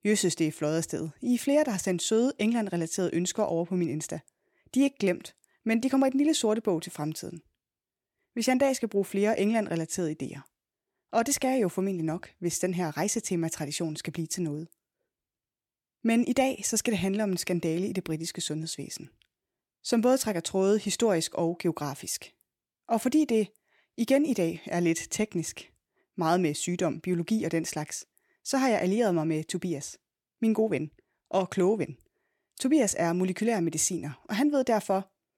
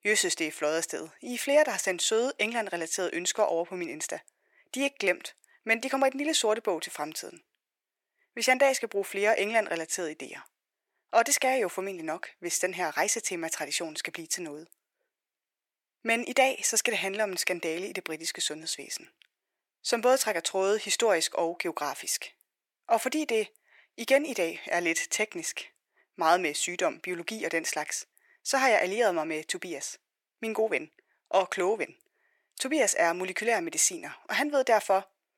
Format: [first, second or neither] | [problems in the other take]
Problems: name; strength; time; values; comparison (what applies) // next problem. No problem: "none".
first | thin; very; fading below 600 Hz